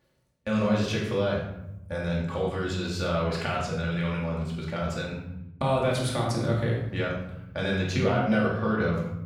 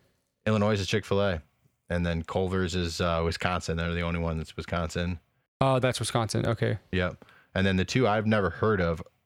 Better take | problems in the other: second | off-mic speech; far // room echo; noticeable; dies away in 1 s

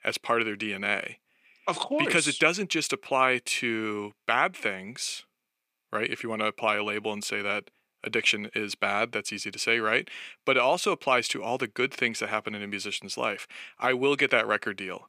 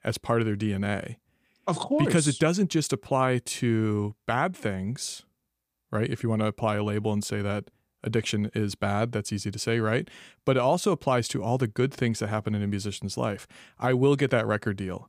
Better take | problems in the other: second | thin; somewhat; fading below 300 Hz

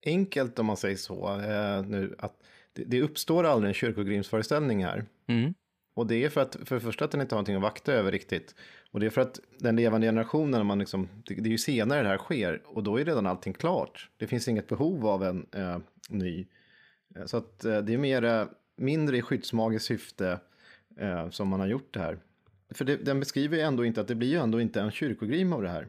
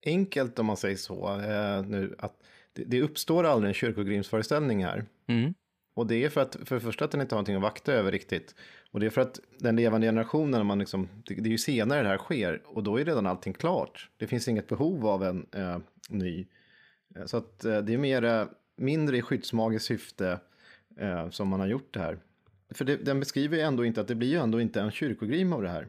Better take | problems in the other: neither | none

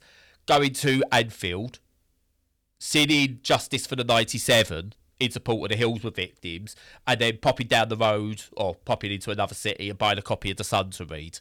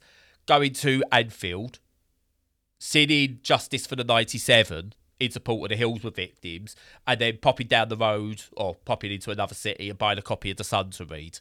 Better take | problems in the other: second | distortion; slight; 2% of the sound clipped

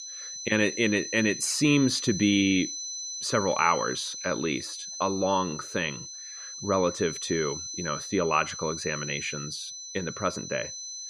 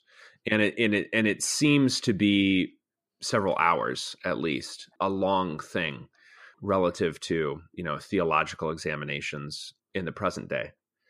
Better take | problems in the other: second | high-pitched whine; loud; throughout; 6 kHz, 8 dB below the speech

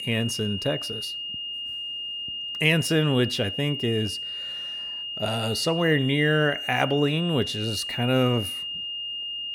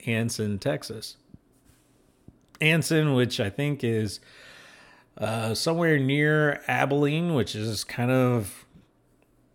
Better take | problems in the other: second | high-pitched whine; loud; throughout; 3 kHz, 6 dB below the speech

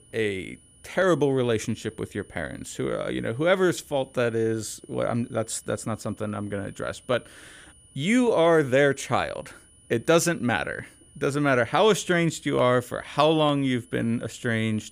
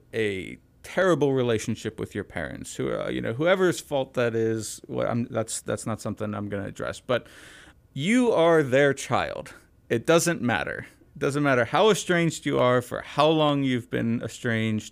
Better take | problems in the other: second | high-pitched whine; faint; throughout; 9.5 kHz, 30 dB below the speech

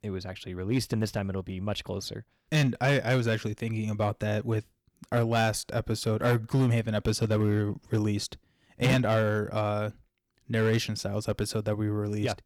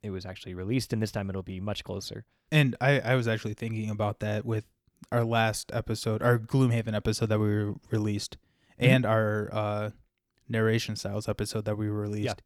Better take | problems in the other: second | distortion; slight; 4% of the sound clipped

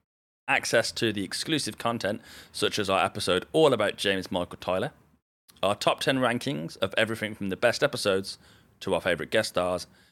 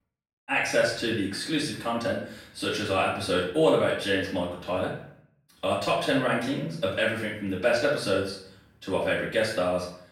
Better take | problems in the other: first | room echo; noticeable; dies away in 0.5 s // off-mic speech; far

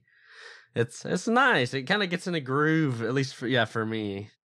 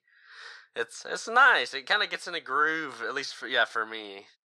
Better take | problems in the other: first | thin; very; fading below 650 Hz

